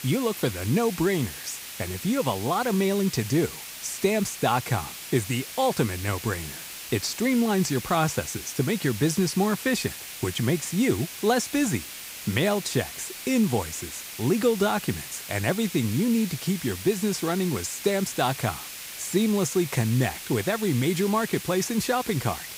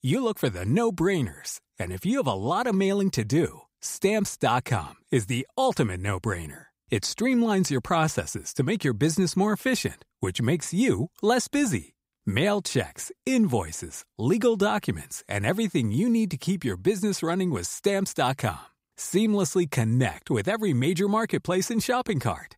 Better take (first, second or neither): second